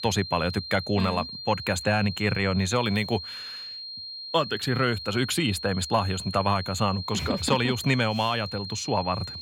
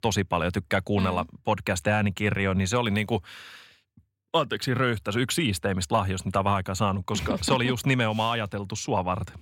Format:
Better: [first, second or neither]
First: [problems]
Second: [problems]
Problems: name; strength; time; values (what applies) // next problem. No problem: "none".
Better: second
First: high-pitched whine; loud; throughout; 4 kHz, 9 dB below the speech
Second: none